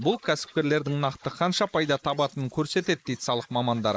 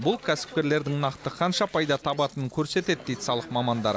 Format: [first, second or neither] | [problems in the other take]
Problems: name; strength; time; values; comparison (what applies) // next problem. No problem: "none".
second | noise reduction (neural mask model Resemble Enhance denoiser)